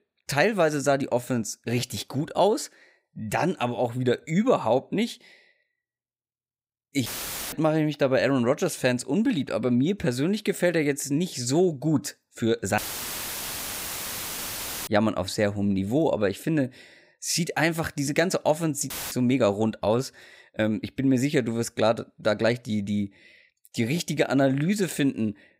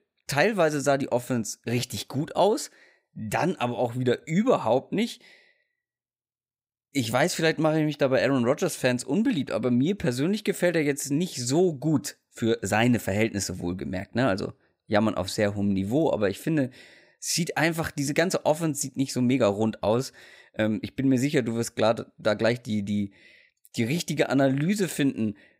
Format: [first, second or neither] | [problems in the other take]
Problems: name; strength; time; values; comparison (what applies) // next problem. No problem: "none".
second | audio cutting out; filled with static; at 7 s, at 13 s for 2 s and at 19 s